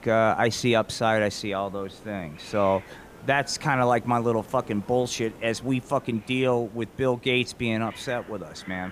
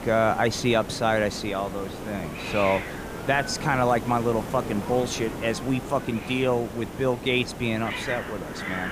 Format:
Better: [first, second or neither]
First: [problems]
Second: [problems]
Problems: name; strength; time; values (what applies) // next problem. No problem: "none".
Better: first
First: hiss; faint; throughout; 20 dB below the speech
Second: hiss; loud; throughout; 8 dB below the speech